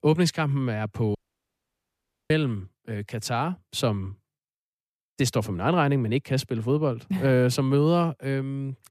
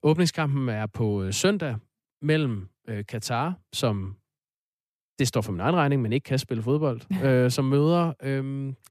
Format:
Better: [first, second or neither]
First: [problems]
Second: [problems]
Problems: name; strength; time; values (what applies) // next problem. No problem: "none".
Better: second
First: audio cutting out; at 1 s for 1 s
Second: none